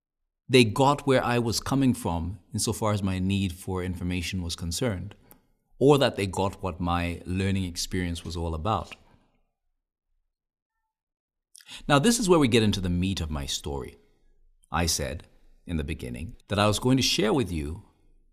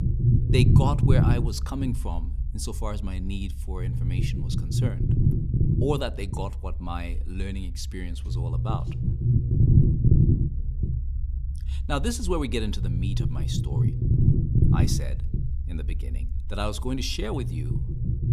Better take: first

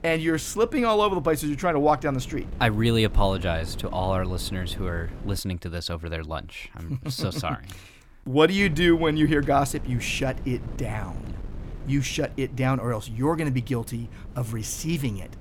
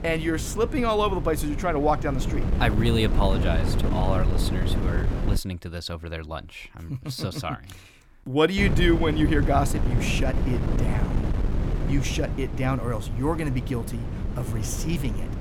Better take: first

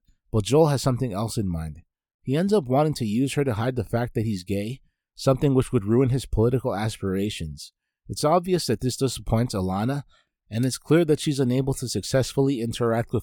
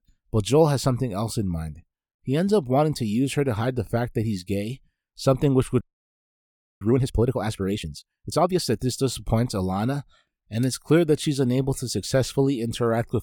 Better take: first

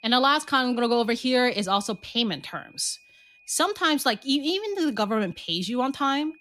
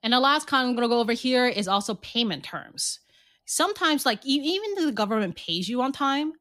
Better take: second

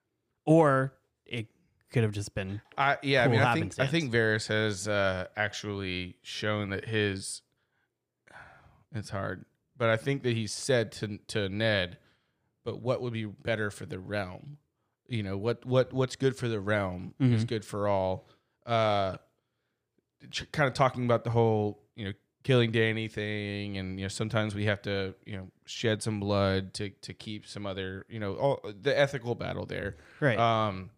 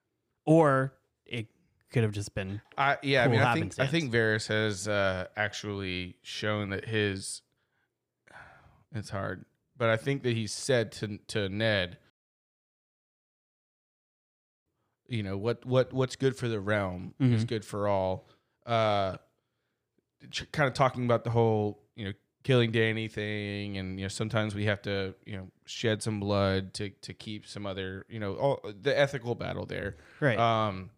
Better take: first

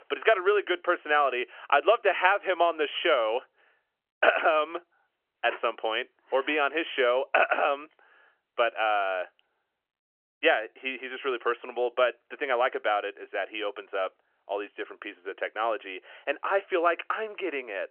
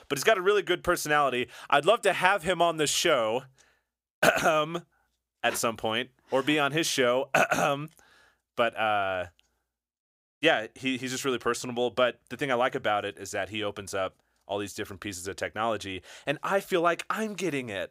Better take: second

